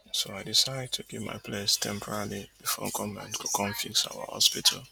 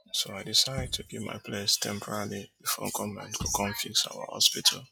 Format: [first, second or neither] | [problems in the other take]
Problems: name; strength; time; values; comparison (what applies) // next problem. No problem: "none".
first | noise reduction (classical method log-MMSE)